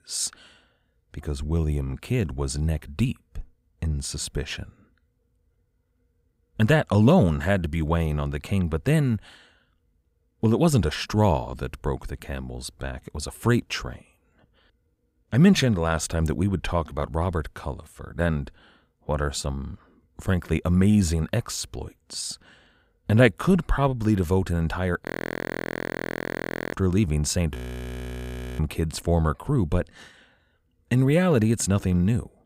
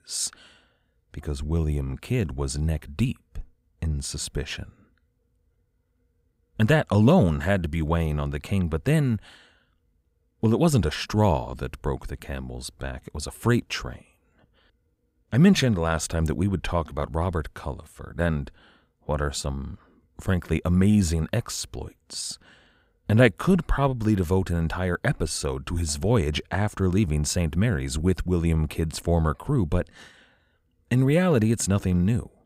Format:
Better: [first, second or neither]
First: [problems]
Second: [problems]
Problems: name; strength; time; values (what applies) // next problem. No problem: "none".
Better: second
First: audio freezing; at 25 s for 1.5 s and at 28 s for 1 s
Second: none